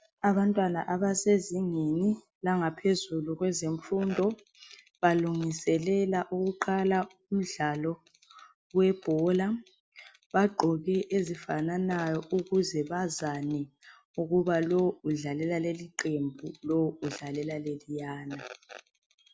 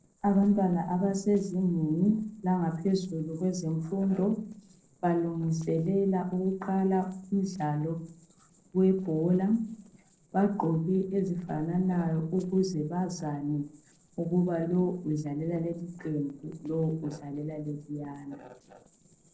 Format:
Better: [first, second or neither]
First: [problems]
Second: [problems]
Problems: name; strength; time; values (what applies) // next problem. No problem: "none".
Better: first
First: none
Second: noise reduction (neural separator model SepFormer DNS4)